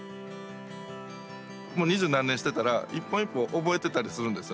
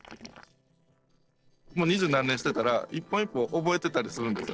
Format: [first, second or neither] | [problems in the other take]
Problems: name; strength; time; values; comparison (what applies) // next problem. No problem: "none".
first | noise reduction (neural separator model SepFormer DNS4)